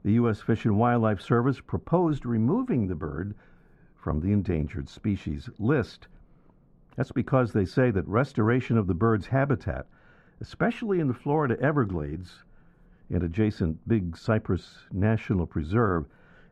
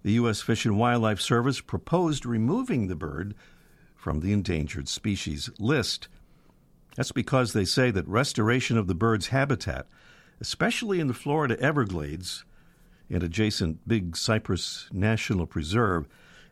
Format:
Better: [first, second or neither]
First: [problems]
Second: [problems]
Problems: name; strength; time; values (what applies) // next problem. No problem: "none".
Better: second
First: muffled; very; fading above 2.5 kHz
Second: none